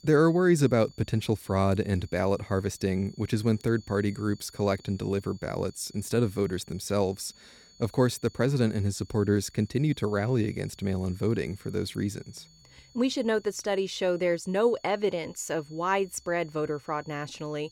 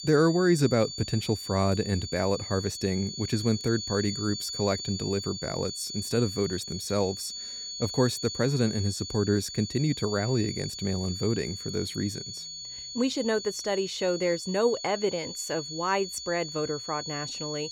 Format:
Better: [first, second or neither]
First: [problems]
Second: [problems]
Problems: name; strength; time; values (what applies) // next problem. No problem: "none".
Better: first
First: high-pitched whine; faint; throughout; 4.5 kHz, 25 dB below the speech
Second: high-pitched whine; loud; throughout; 4.5 kHz, 7 dB below the speech